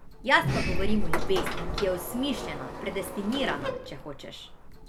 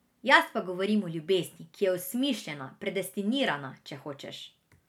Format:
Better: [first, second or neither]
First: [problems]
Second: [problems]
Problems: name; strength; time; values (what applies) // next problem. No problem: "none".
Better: second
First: background sound (Sliding door); 1 dB above the speech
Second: none